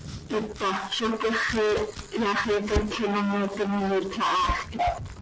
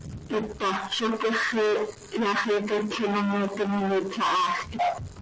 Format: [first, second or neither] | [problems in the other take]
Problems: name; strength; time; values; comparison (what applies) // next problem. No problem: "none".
second | background sound (Domestic sounds, home sounds); 12 dB below the speech